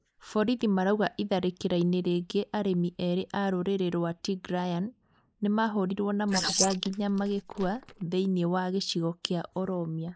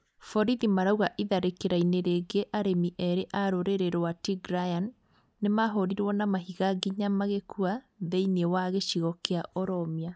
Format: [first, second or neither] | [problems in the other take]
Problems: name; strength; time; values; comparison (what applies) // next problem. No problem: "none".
second | noise reduction (neural mask model Resemble Enhance denoiser)